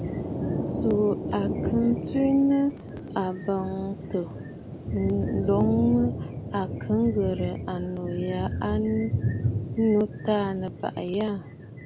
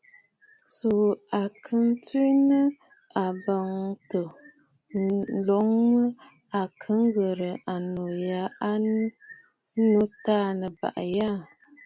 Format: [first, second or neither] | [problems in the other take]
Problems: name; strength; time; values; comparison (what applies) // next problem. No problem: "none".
second | background sound (Thunder); 4 dB below the speech